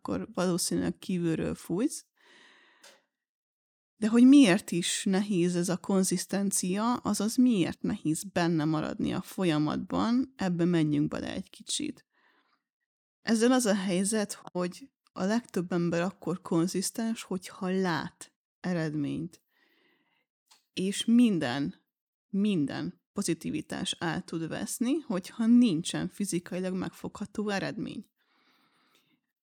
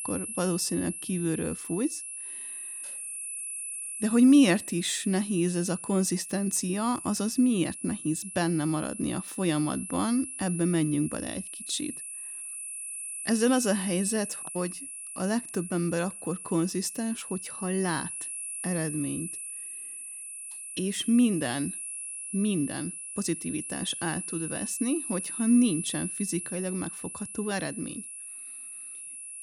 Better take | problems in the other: first | high-pitched whine; loud; throughout; 11 kHz, 7 dB below the speech

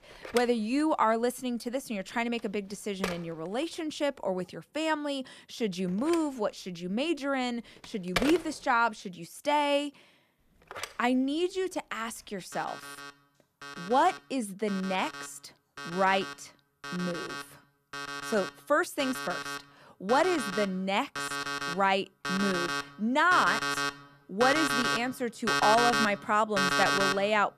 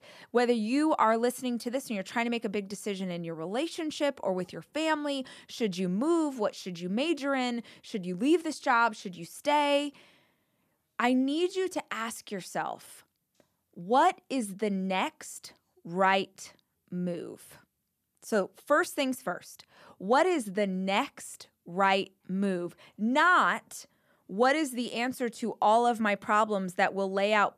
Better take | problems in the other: second | alarms or sirens; loud; throughout; 3 dB below the speech

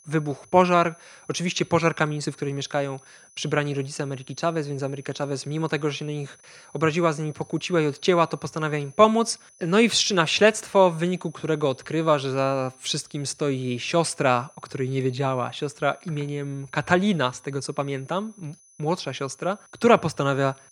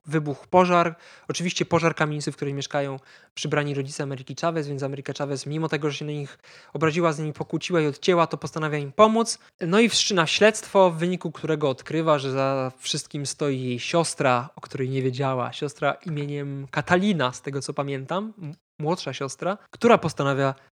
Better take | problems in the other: second | high-pitched whine; faint; throughout; 6 kHz, 30 dB below the speech

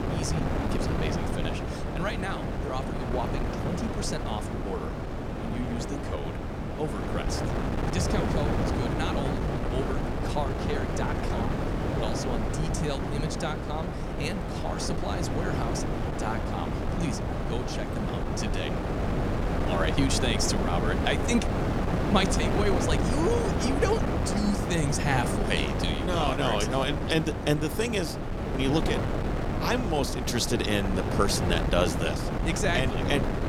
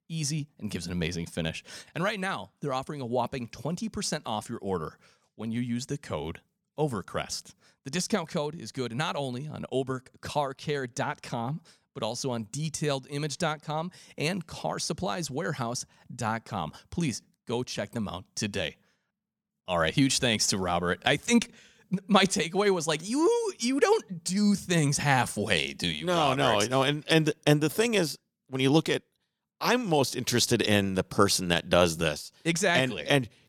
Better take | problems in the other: second | wind noise on the microphone; heavy; 2 dB below the speech

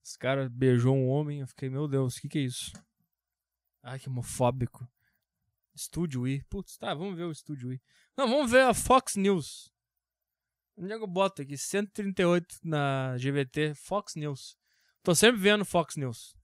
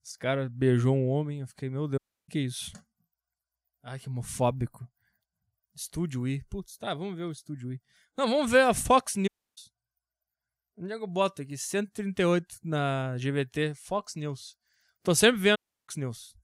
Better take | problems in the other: first | audio cutting out; at 2 s, at 9.5 s and at 16 s

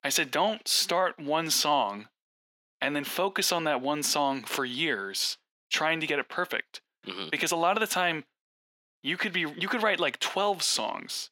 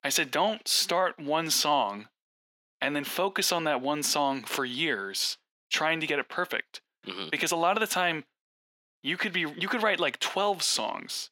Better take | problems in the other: neither | thin; somewhat; fading below 500 Hz; the same in both

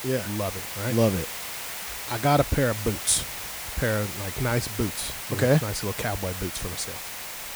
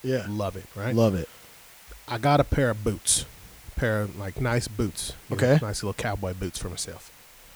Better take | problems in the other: second | hiss; loud; throughout; 6 dB below the speech; faint in the second

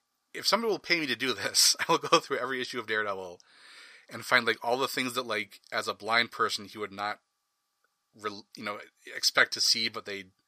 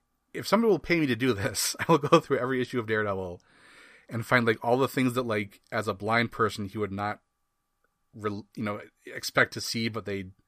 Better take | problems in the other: second | thin; somewhat; fading below 800 Hz

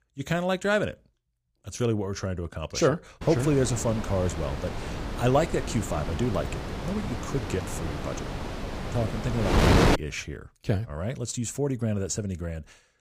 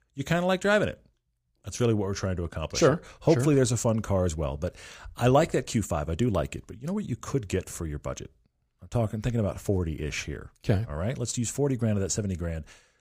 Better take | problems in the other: second | wind noise on the microphone; heavy; from 3 to 10 s; 1 dB below the speech

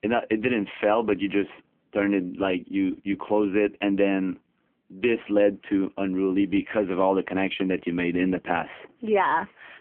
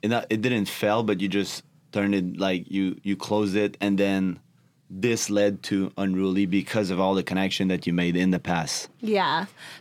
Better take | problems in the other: second | phone-call audio; poor line

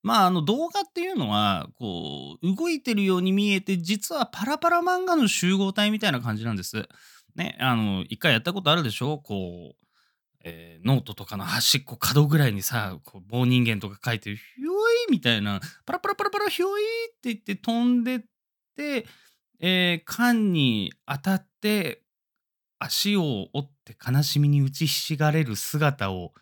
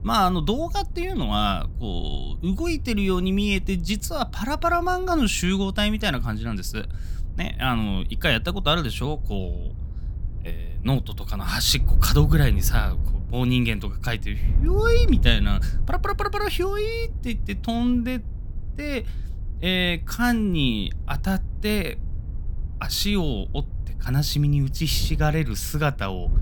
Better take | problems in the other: first | wind noise on the microphone; occasional gusts; 20 dB below the speech

